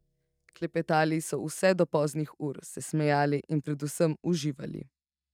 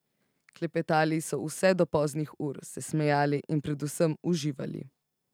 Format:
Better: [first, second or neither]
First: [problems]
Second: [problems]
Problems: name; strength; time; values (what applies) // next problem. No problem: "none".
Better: second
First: noise reduction (neural mask model DeepFilterNet 3)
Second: none